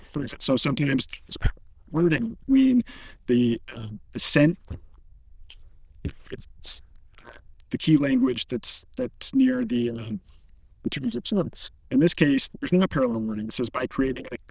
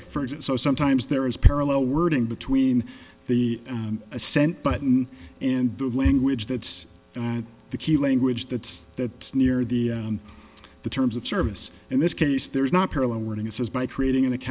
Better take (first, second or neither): second